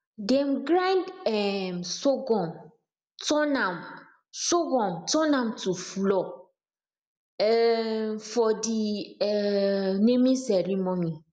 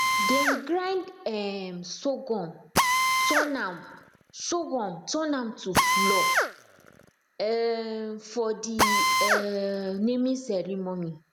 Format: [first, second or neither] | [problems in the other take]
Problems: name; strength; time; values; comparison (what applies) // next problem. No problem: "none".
first | background sound (Drill); 1 dB above the speech